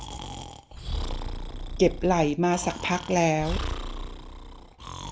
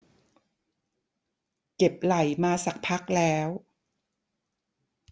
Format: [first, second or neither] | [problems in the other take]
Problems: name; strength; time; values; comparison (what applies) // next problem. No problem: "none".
second | background sound (Breathing); 6 dB below the speech